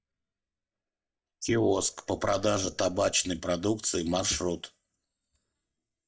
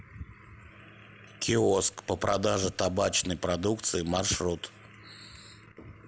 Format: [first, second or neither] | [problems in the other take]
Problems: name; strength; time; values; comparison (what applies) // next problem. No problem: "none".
second | noise reduction (neural mask model DeepFilterNet 3)